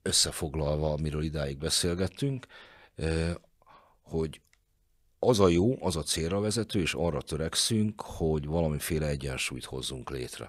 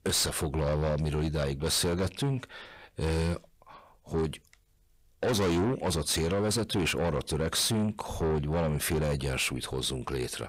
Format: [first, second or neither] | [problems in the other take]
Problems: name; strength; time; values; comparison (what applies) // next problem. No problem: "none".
first | distortion; heavy; 6 dB below the speech